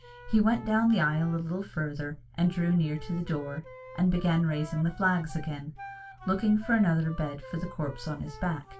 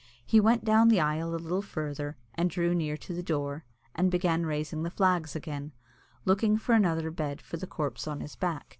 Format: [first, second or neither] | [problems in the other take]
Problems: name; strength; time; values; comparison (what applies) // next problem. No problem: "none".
second | background sound (Wind instrument, woodwind instrument); 19 dB below the speech // room echo; dies away in 0.2 s